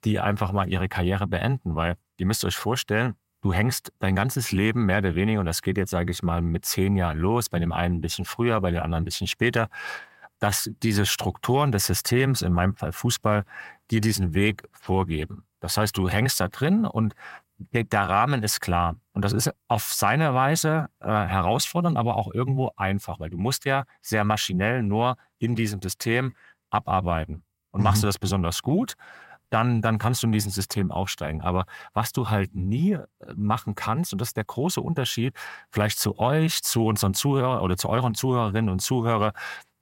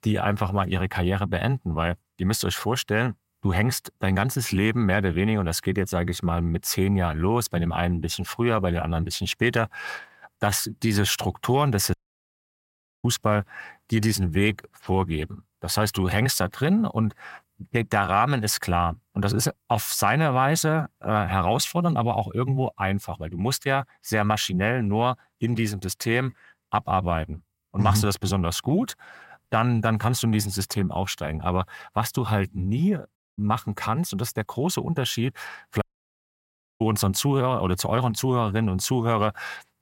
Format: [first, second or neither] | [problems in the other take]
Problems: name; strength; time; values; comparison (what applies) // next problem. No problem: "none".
first | audio cutting out; at 12 s for 1 s, at 33 s and at 36 s for 1 s